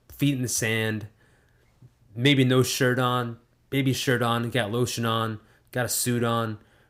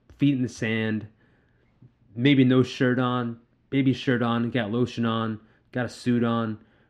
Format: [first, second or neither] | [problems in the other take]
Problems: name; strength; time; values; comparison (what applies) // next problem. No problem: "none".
first | muffled; slightly; fading above 3 kHz